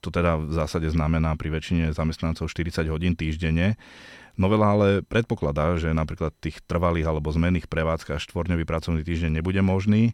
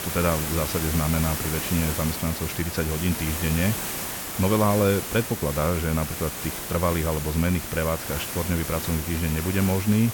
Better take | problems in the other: first | hiss; loud; throughout; 4 dB below the speech

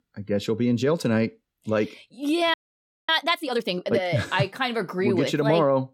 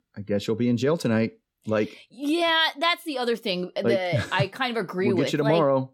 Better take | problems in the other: second | audio freezing; at 2.5 s for 0.5 s

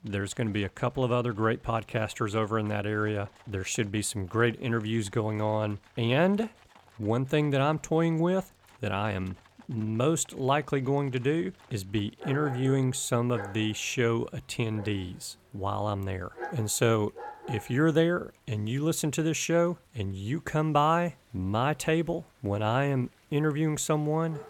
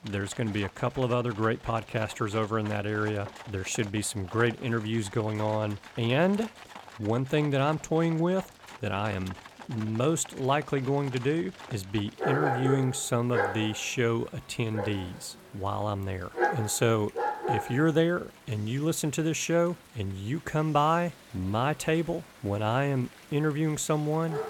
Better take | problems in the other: first | animal sounds; loud; throughout; 9 dB below the speech; faint in the first

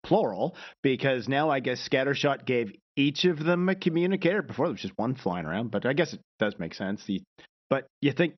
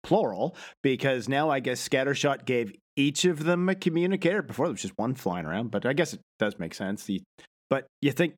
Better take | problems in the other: second | garbled, watery; slightly; nothing above 6 kHz

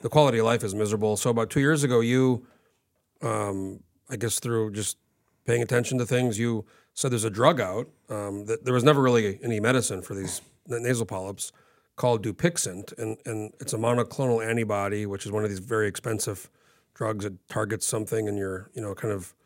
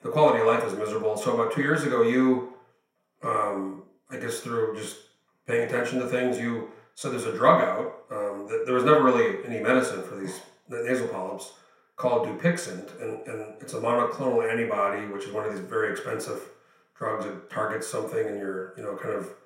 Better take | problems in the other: first | room echo; noticeable; dies away in 0.6 s // off-mic speech; far

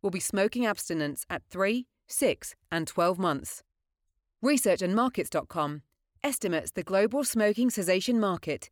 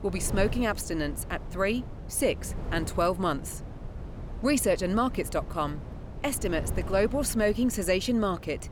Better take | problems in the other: first | wind noise on the microphone; occasional gusts; 15 dB below the speech

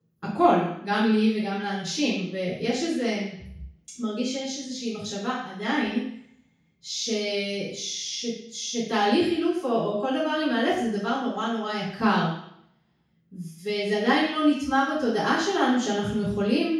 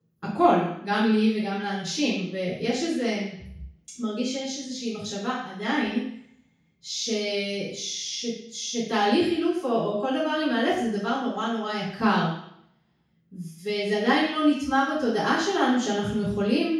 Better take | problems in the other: neither | room echo; noticeable; dies away in 0.6 s; the same in both // off-mic speech; far; the same in both

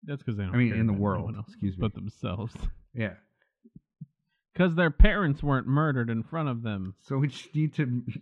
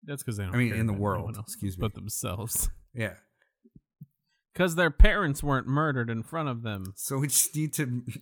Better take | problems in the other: second | muffled; very; fading above 3 kHz

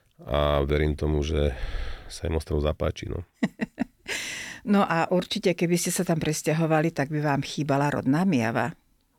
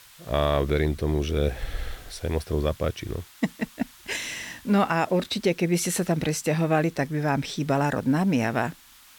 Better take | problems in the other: first | hiss; faint; throughout; 25 dB below the speech

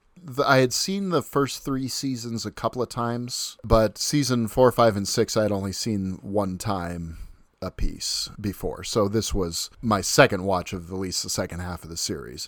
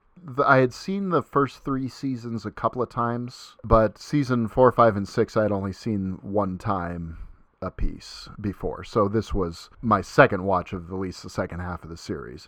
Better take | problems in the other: first | muffled; very; fading above 3.5 kHz

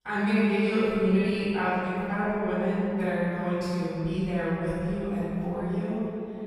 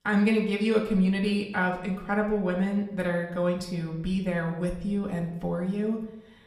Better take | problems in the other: second | room echo; strong; dies away in 2.3 s; slight in the second // off-mic speech; far; far in the second

